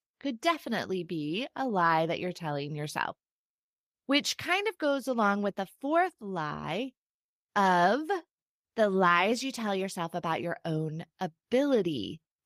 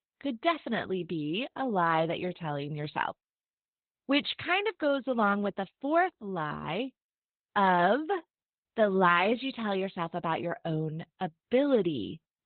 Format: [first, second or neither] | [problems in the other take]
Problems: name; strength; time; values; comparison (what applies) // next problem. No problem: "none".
first | garbled, watery; badly; nothing above 4 kHz; slightly in the first